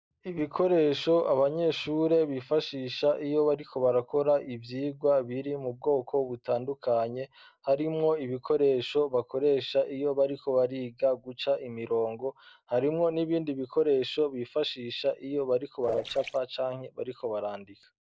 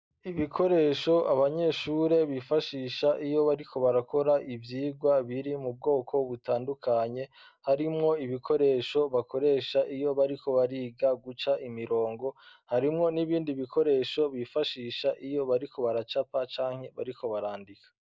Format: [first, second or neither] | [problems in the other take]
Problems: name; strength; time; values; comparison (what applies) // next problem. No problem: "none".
second | noise reduction (neural separator model SepFormer DNS4)